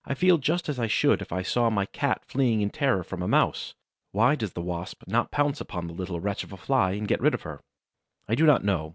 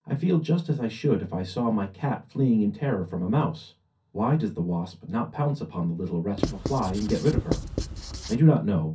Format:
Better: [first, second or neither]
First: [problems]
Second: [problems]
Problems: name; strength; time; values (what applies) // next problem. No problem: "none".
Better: first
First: none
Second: background sound (Writing); 5 dB below the speech // room echo; dies away in 0.3 s